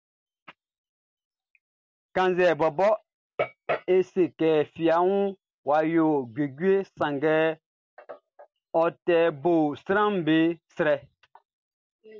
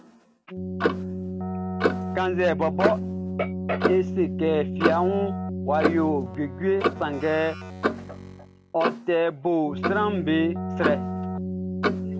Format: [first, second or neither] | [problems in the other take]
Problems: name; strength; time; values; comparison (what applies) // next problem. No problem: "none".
first | background sound (Keyboard (musical) + Clock); 2 dB below the speech